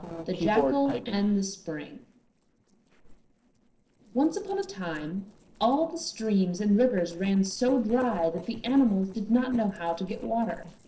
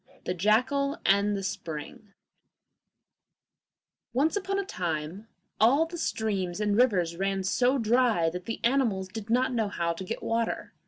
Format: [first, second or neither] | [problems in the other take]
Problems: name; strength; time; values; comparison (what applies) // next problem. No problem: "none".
second | noise reduction (neural separator model SepFormer DNS4)